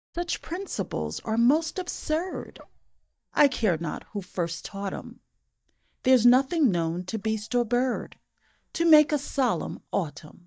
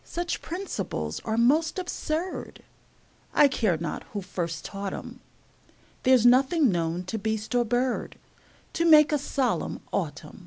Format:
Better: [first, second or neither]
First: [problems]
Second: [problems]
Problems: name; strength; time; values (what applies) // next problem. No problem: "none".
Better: second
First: noise reduction (neural mask model DeepFilterNet 3)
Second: none